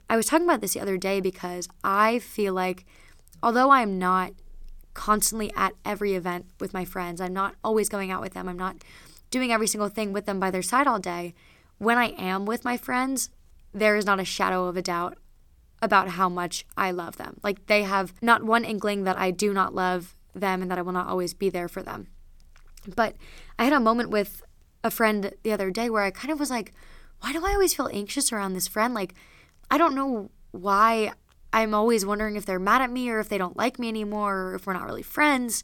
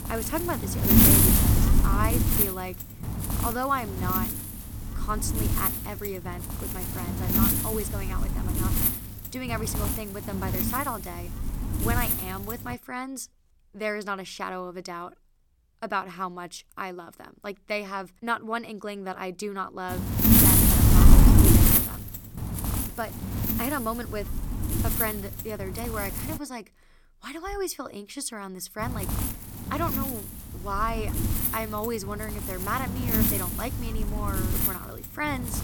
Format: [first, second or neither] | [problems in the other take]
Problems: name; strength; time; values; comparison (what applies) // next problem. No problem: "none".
first | wind noise on the microphone; heavy; until 13 s, from 20 to 26 s and from 29 s on; 1 dB above the speech